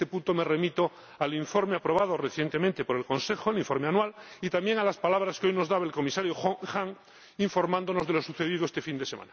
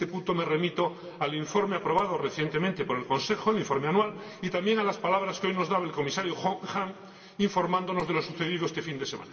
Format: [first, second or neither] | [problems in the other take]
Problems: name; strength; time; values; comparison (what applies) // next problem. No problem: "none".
first | room echo; dies away in 2.8 s